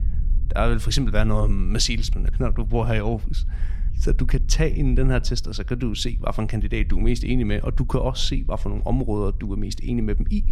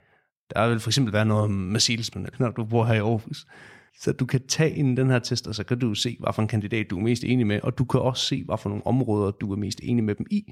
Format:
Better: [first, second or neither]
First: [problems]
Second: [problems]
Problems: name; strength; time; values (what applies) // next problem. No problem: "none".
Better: second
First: low rumble; faint; throughout; 20 dB below the speech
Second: none